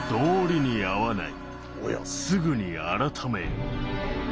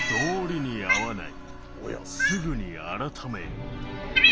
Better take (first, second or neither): first